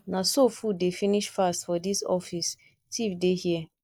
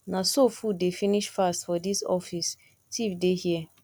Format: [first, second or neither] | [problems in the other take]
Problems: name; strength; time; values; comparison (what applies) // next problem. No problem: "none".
second | noise reduction (neural mask model Resemble Enhance denoiser)